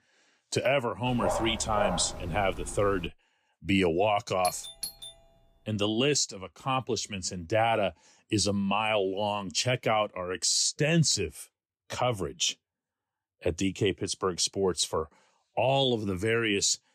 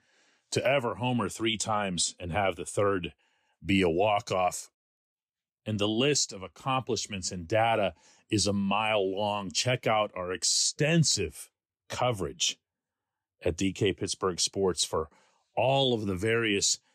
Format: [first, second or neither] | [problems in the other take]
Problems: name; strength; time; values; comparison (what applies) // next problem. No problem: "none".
second | dog barking; noticeable; from 1 to 3 s; peak 3 dB below the speech // doorbell; noticeable; at 4.5 s; peak 9 dB below the speech